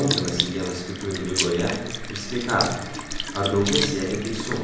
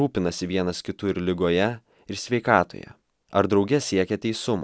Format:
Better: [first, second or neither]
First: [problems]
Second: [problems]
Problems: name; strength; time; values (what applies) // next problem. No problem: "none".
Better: second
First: background sound (Sink (filling or washing) / Liquid); 4 dB below the speech // room echo; dies away in 0.9 s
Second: none